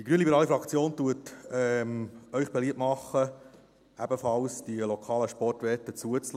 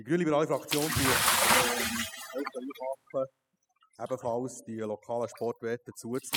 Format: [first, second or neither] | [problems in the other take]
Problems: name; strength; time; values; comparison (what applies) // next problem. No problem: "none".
first | noise reduction (classical method spectral subtraction)